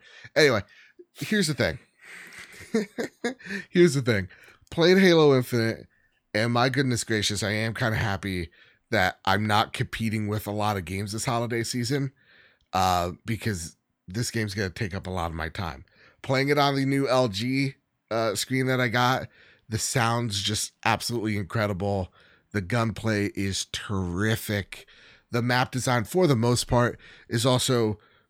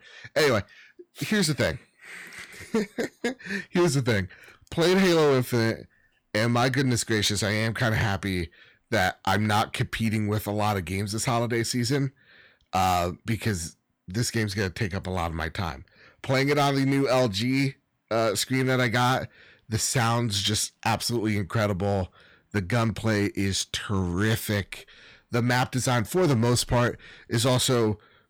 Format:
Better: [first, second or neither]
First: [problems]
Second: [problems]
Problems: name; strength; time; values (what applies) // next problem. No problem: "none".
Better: first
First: none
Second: distortion; slight; 7% of the sound clipped